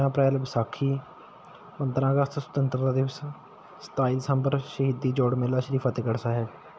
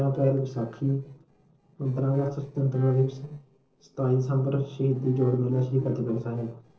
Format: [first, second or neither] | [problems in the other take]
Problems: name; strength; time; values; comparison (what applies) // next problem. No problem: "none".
first | noise reduction (neural separator model SepFormer DNS4)